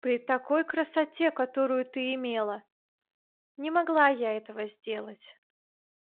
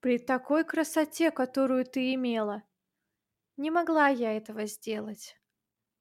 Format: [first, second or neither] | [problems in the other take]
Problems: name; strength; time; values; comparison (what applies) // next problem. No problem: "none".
second | phone-call audio